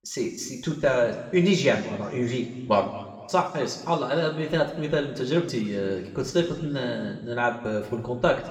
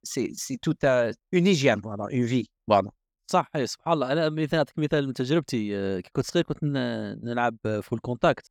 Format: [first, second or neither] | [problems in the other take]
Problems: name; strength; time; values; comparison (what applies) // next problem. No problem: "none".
second | room echo; slight; dies away in 1.7 s // off-mic speech; somewhat distant